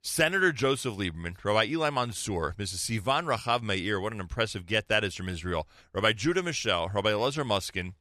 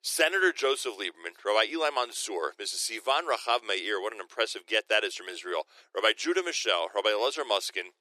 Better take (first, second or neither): first